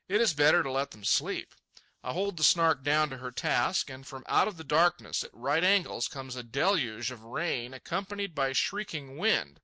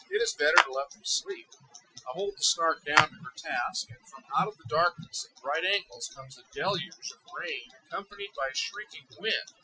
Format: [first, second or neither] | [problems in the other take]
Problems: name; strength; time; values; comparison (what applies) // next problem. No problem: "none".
first | noise reduction (classical method Wiener filter)